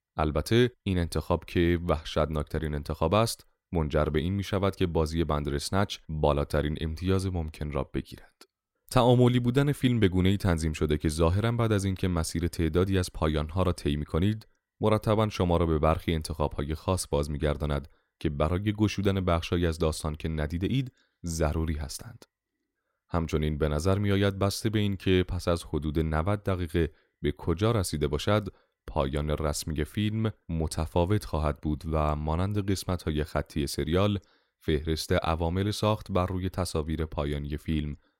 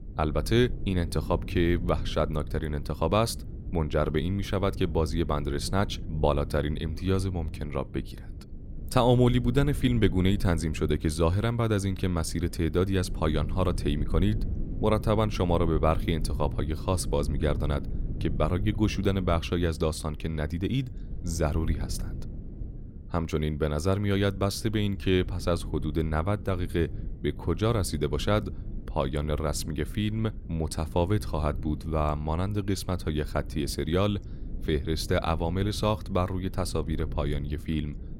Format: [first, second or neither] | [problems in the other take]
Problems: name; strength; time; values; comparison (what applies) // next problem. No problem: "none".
first | low rumble; noticeable; throughout; 20 dB below the speech